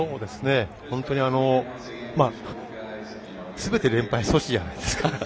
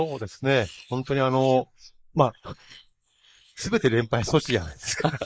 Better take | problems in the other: first | noise reduction (neural mask model Resemble Enhance denoiser)

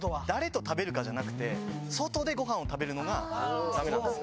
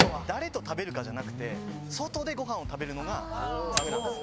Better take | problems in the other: first | background sound (Microwave oven / Bell); 1 dB below the speech

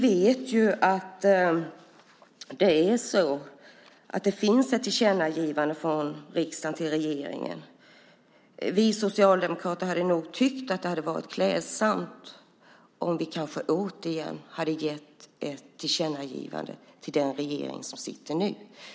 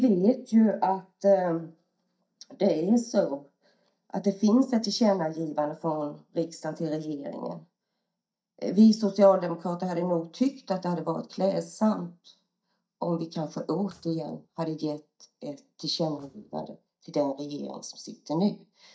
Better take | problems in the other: first | noise reduction (neural mask model DeepFilterNet 3)

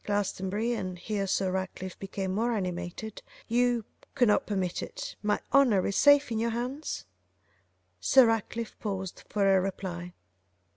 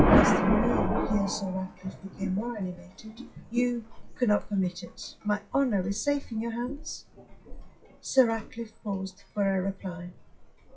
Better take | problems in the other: first | noise reduction (classical method WPE with log-MMSE)

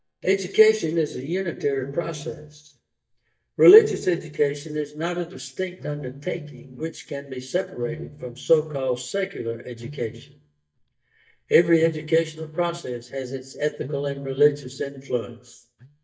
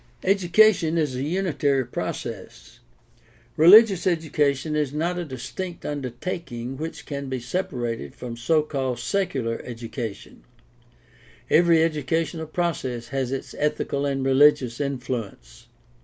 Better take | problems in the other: second | noise reduction (neural mask model DeepFilterNet 3)

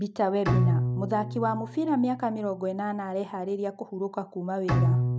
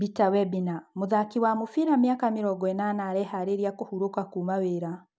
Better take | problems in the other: second | background sound (Bowed string instrument); as loud as the speech

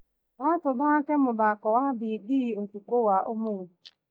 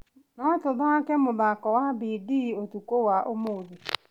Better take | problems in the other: second | noise reduction (neural mask model DeepFilterNet 3)

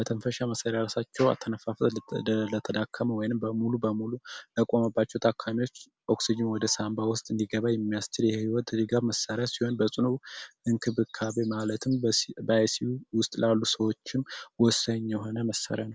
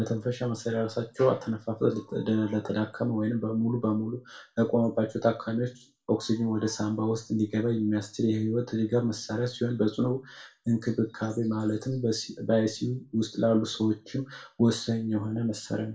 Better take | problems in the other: first | room echo; dies away in 0.3 s

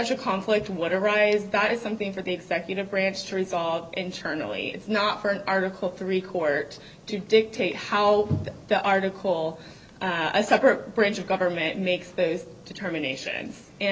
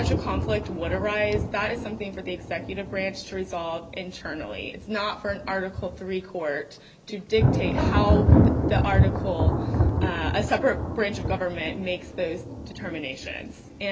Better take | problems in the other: first | background sound (Thunder); 3 dB above the speech

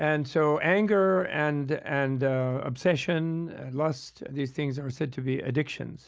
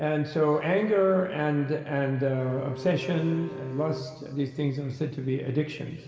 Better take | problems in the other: first | background sound (Bowed string instrument); 14 dB below the speech // room echo; dies away in 2.2 s

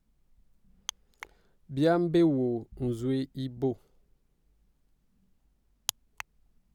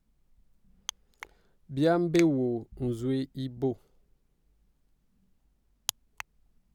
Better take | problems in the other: first | background sound (Finger snapping); 16 dB below the speech

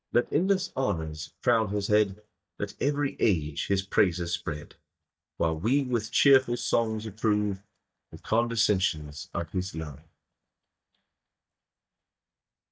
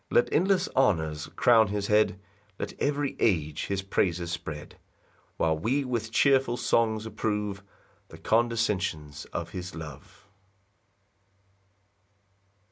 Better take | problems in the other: second | noise reduction (neural mask model DeepFilterNet 3)

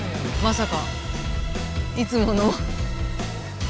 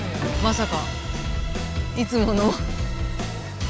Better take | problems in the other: first | background sound (Bowed string instrument); 15 dB below the speech

